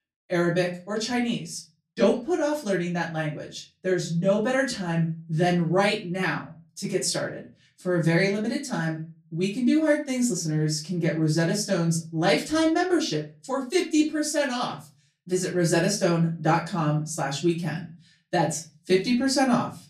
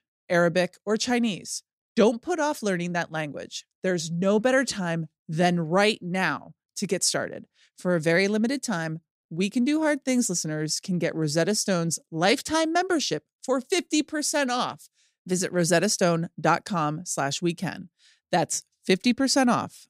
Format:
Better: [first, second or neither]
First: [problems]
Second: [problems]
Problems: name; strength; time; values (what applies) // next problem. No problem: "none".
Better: second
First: off-mic speech; far // room echo; very slight; dies away in 0.3 s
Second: none